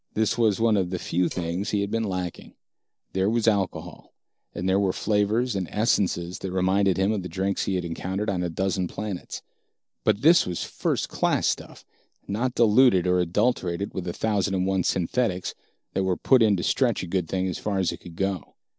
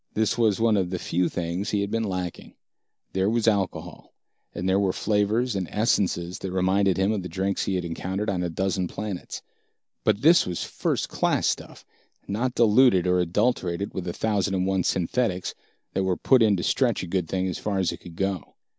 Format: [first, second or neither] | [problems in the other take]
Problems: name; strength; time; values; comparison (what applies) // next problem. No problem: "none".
second | noise reduction (neural separator model SepFormer DNS4)